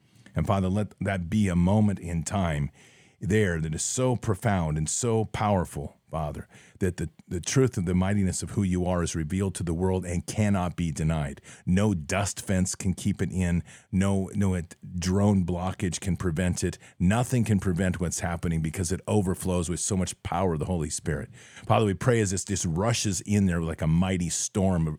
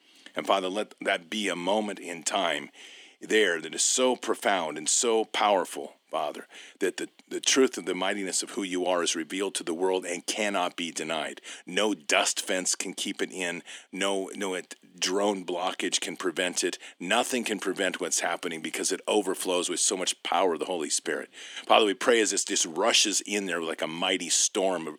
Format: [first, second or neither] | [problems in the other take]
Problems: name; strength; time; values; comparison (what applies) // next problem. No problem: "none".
first | thin; somewhat; fading below 250 Hz